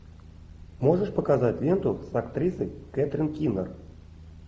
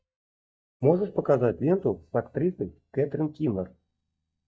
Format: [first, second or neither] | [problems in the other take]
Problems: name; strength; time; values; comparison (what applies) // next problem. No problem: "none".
first | noise reduction (neural mask model DeepFilterNet 3)